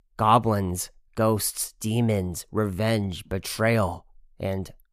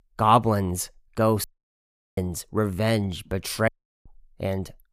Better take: first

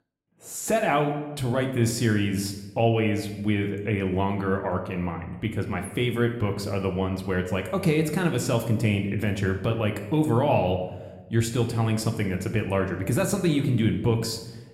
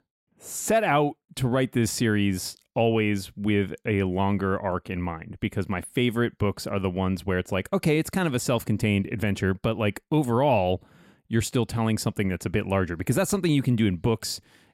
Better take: second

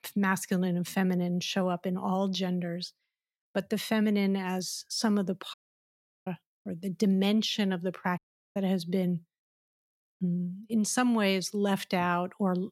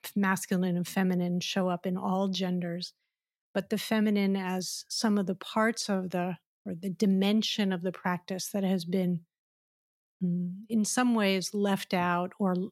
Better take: second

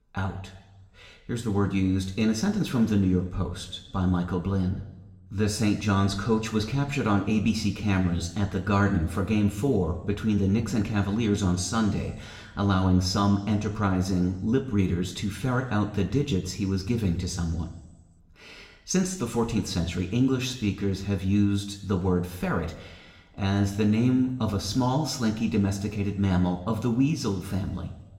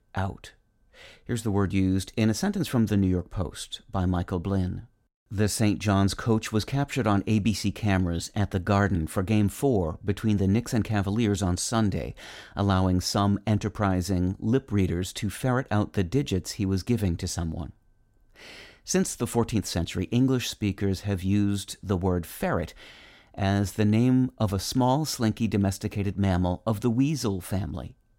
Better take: second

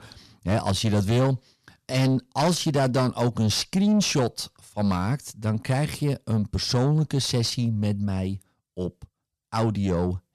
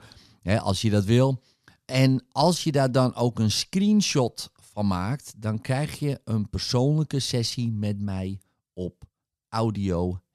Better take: second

